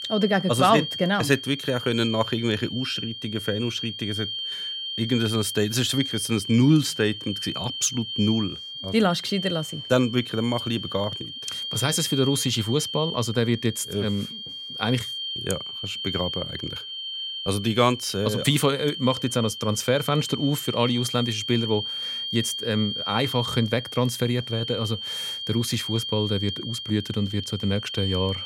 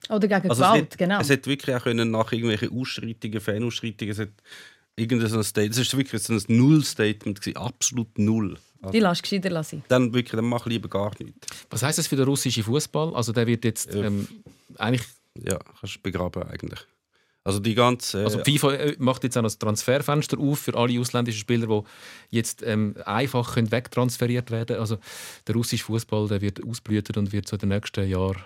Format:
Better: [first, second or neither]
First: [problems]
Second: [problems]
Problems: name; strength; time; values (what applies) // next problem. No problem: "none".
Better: second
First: high-pitched whine; loud; throughout; 3 kHz, 6 dB below the speech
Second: none